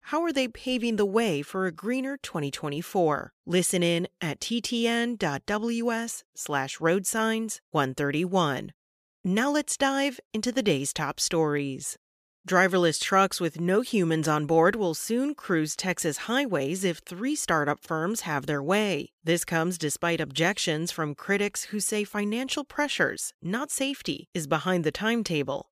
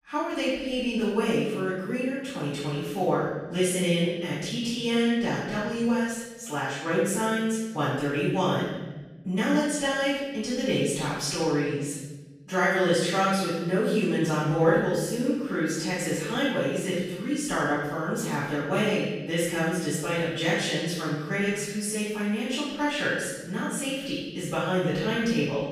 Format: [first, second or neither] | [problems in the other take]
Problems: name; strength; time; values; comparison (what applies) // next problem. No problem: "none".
first | off-mic speech; far // room echo; strong; dies away in 1.1 s